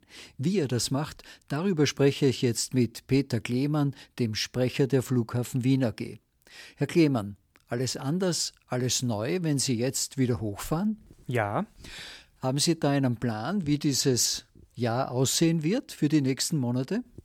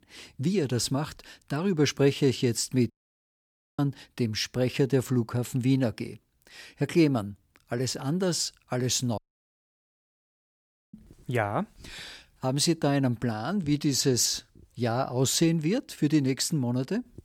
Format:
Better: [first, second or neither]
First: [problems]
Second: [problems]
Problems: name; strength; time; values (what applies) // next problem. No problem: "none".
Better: first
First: none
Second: audio cutting out; at 3 s for 1 s and at 9 s for 2 s